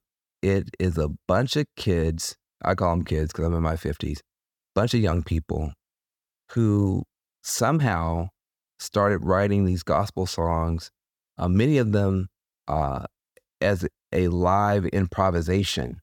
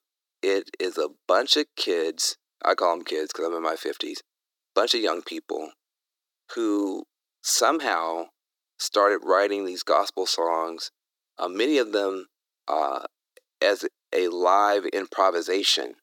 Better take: first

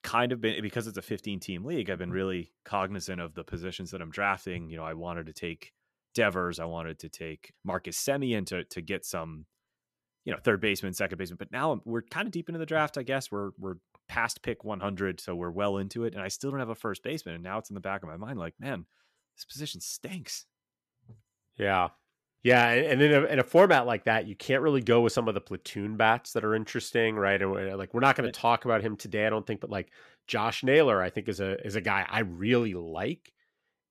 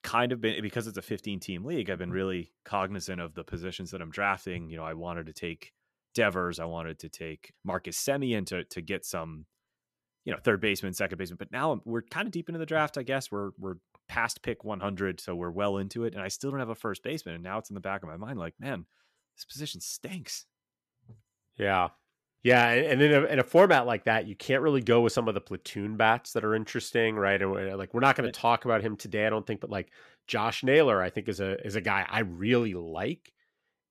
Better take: neither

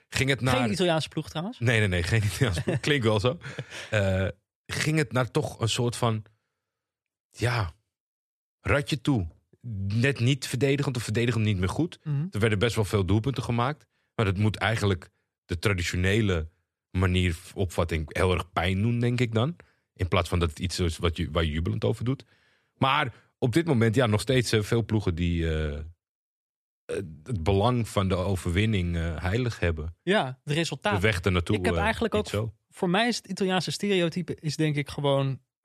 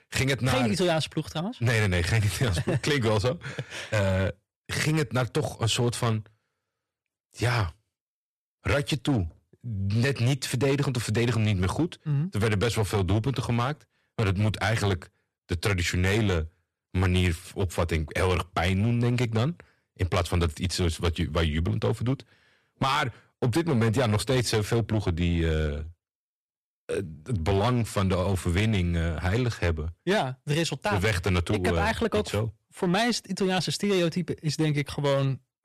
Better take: first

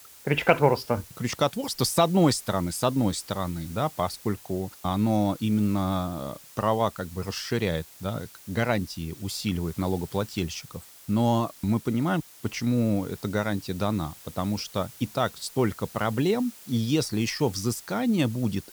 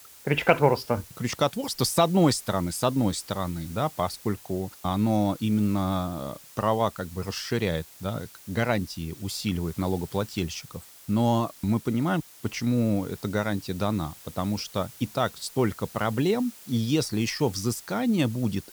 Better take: neither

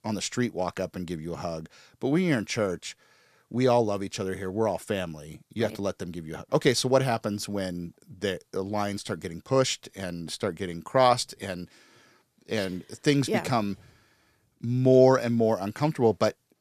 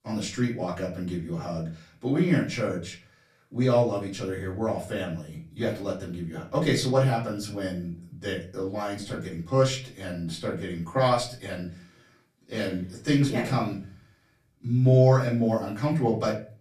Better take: first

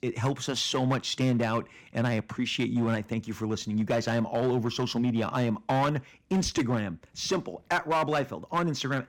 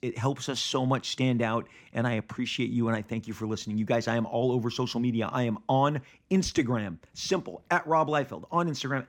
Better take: second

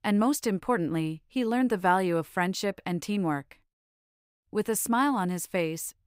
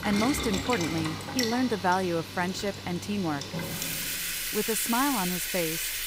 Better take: first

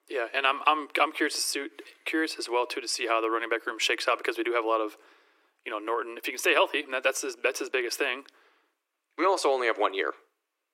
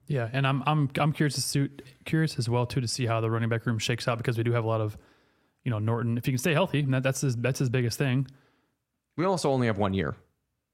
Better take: second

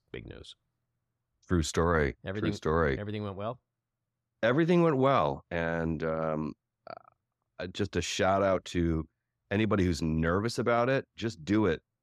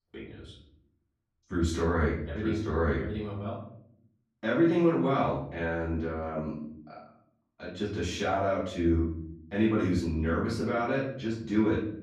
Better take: first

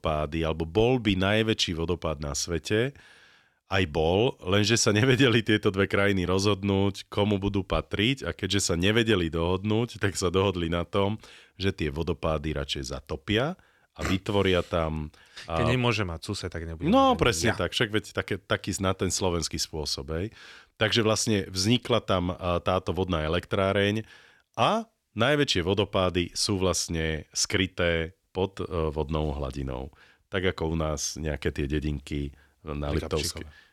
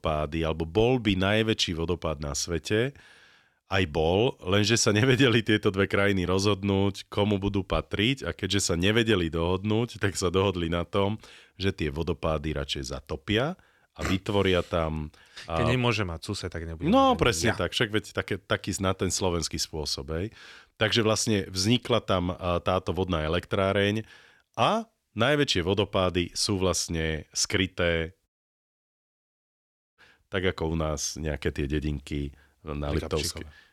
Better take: first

